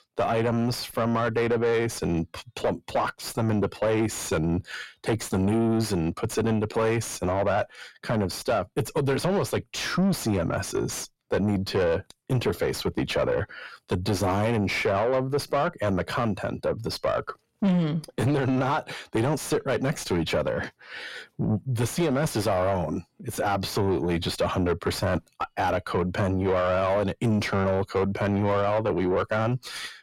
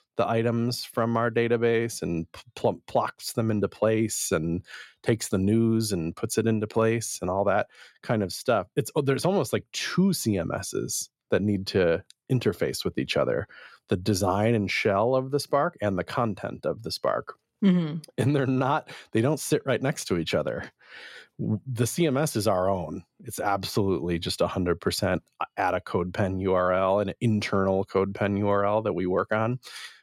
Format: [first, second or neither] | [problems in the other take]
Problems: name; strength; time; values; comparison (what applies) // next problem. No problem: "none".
second | distortion; heavy; 7 dB below the speech